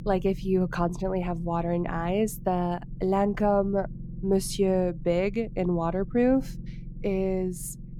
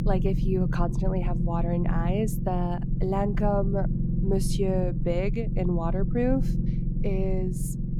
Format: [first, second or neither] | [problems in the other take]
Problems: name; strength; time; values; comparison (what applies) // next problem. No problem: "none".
first | low rumble; loud; throughout; 7 dB below the speech; faint in the first